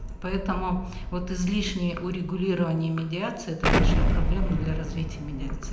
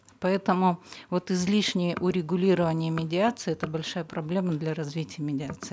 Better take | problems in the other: second | background sound (Explosion); 1 dB above the speech // room echo; dies away in 0.8 s

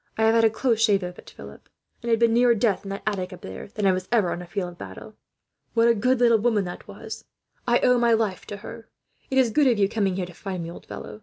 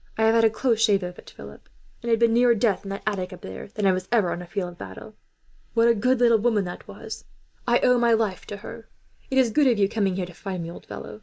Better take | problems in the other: first | noise reduction (neural mask model Resemble Enhance denoiser)

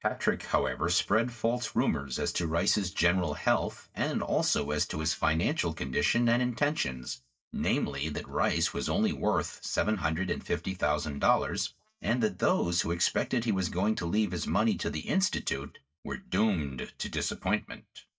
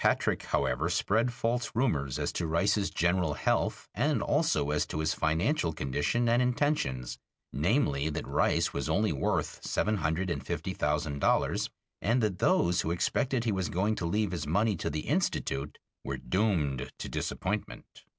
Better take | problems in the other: second | noise reduction (neural mask model DeepFilterNet 3)

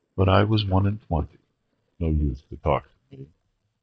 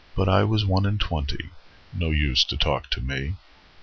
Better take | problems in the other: second | noise reduction (neural mask model DeepFilterNet 3)

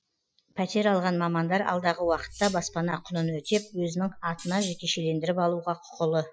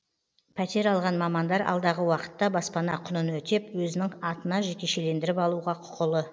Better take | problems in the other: second | noise reduction (classical method Wiener filter)

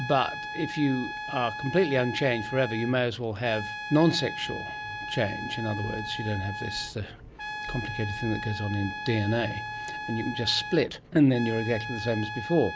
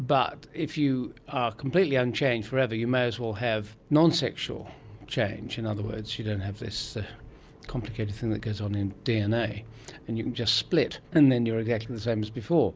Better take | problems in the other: second | background sound (Trumpet); 8 dB below the speech

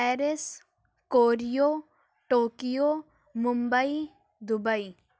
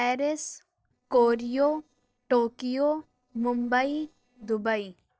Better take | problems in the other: first | noise reduction (neural separator model SepFormer DNS4)

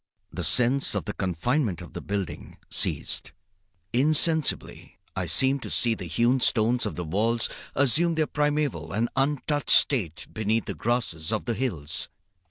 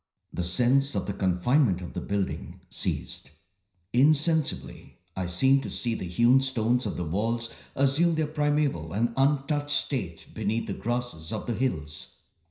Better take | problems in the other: first | room echo; dies away in 0.5 s

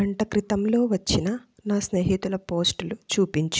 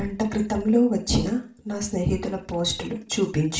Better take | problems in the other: first | room echo; dies away in 0.4 s

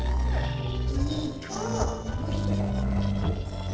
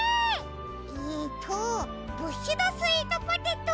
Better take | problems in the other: second | noise reduction (neural separator model SepFormer DNS4)

